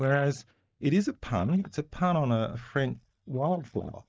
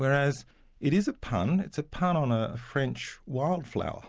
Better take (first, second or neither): second